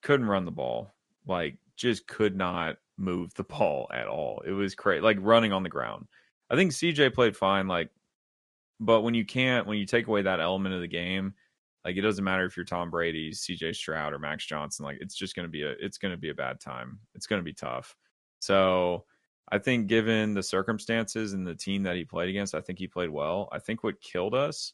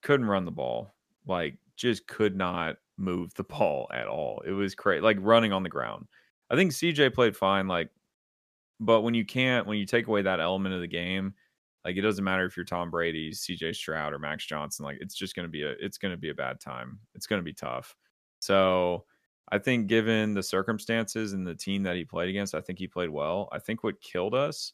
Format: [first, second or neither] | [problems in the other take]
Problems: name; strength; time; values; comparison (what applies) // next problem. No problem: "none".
second | garbled, watery; slightly; nothing above 11 kHz